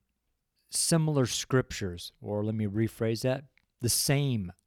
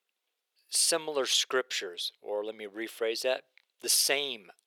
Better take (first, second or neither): first